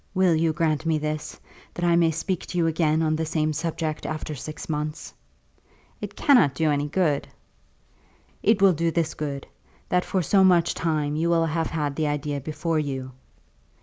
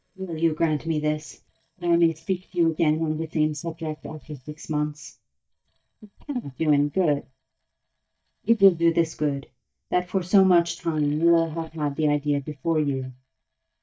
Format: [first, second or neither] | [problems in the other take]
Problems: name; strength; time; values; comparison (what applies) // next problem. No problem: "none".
first | noise reduction (neural mask model DeepFilterNet 3)